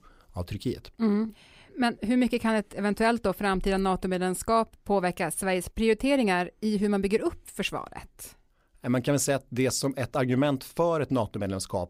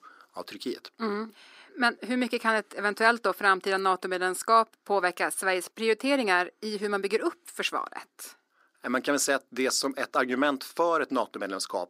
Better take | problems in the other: first | thin; somewhat; fading below 300 Hz

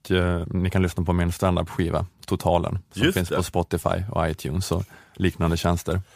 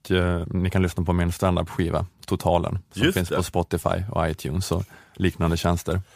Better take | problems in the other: neither | none

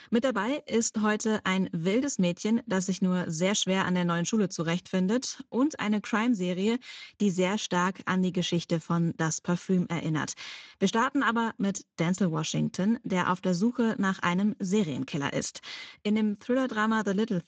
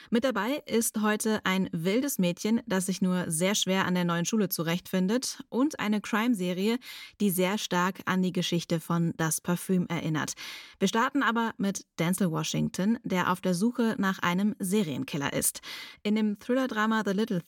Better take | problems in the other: second | garbled, watery; slightly; nothing above 7.5 kHz

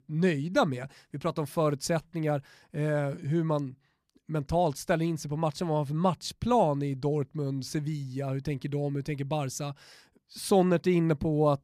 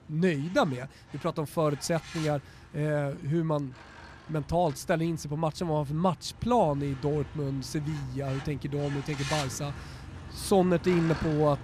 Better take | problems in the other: first | traffic noise; noticeable; throughout; 15 dB below the speech

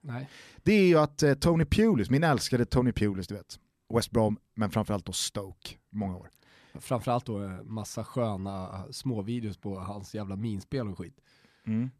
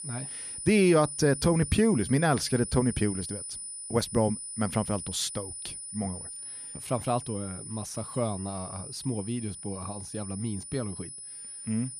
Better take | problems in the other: first | high-pitched whine; loud; throughout; 9.5 kHz, 8 dB below the speech

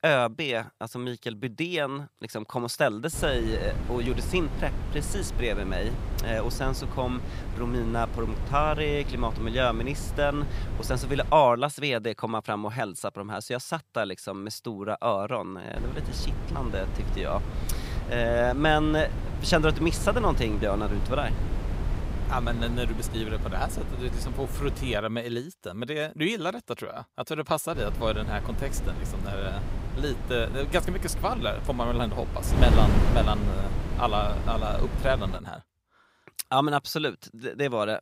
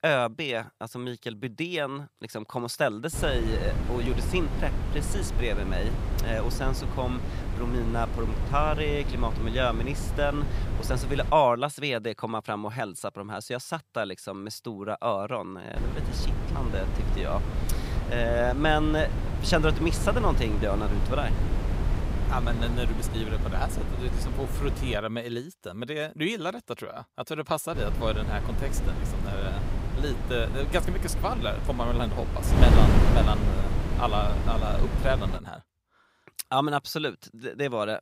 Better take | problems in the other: first | wind noise on the microphone; heavy; from 3 to 11 s, from 16 to 25 s and from 28 to 35 s; 8 dB below the speech; occasional gusts in the first

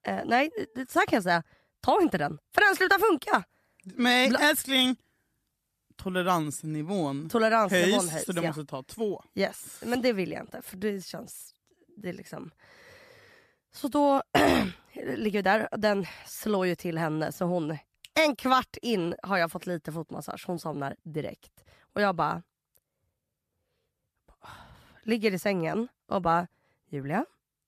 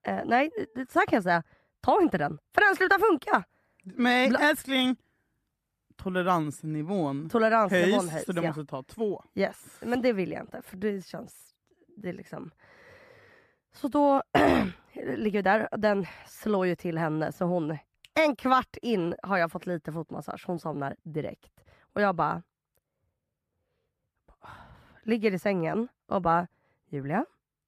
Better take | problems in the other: first | muffled; slightly; fading above 3 kHz

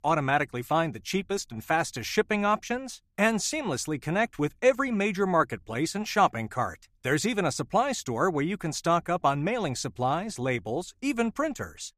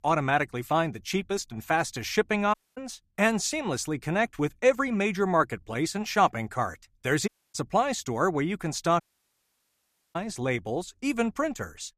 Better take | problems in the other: first | audio cutting out; at 2.5 s, at 7.5 s and at 9 s for 1 s

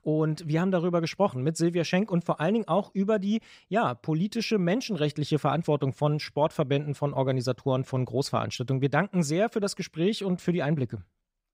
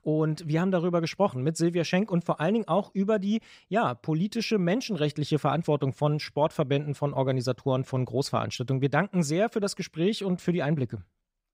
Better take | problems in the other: neither | none

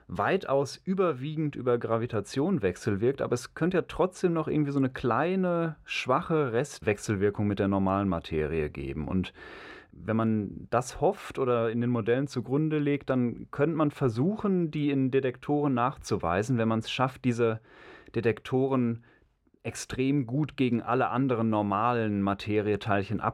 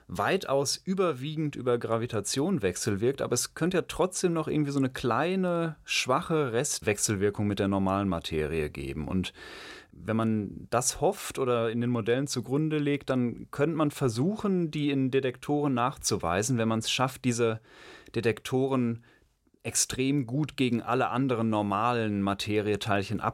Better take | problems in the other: second | muffled; slightly; fading above 4 kHz

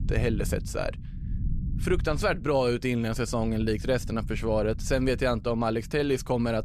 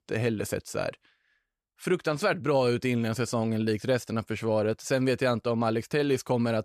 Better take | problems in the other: second | low rumble; faint; throughout; 20 dB below the speech

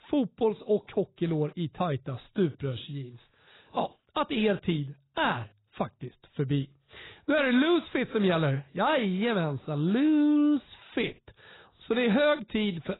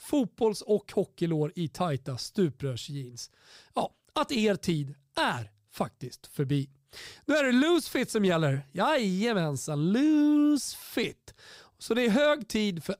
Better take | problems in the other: second | garbled, watery; badly; nothing above 4 kHz

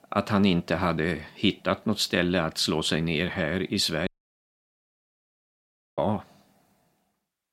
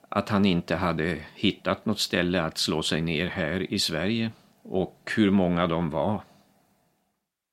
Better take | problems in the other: second | audio cutting out; at 4 s for 2 s

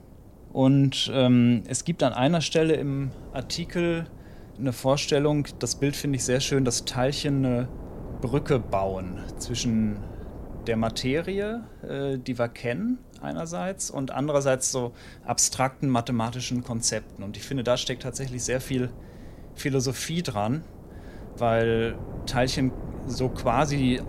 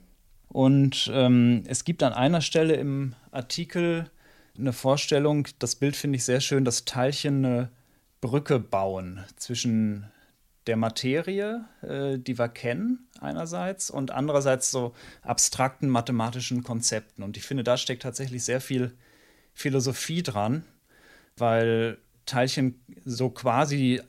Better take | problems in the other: second | wind noise on the microphone; occasional gusts; 20 dB below the speech

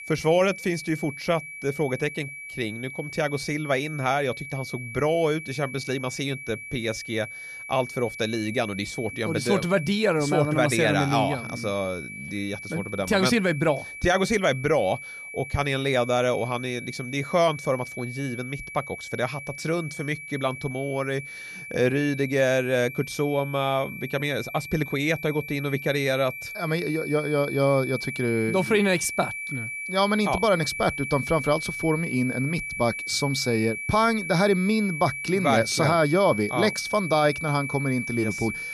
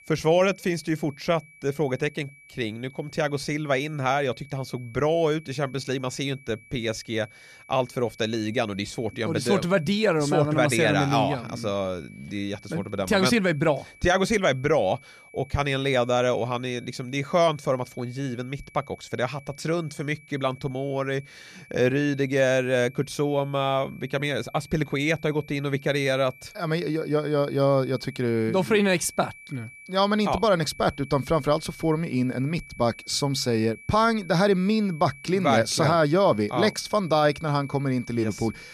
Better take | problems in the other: second | high-pitched whine; loud; throughout; 2.5 kHz, 9 dB below the speech; faint in the second

